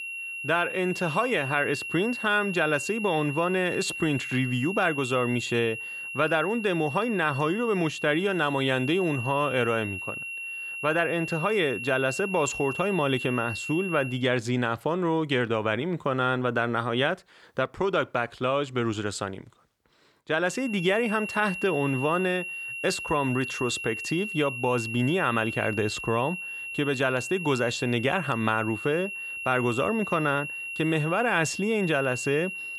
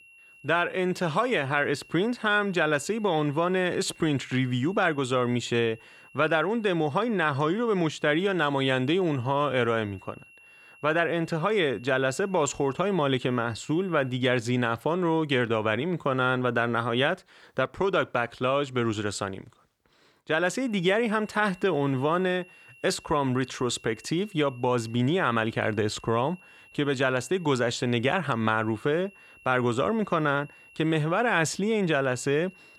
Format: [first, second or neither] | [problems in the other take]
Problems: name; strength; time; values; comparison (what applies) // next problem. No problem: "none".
second | high-pitched whine; loud; until 14 s and from 21 s on; 2.5 kHz, 7 dB below the speech; faint in the second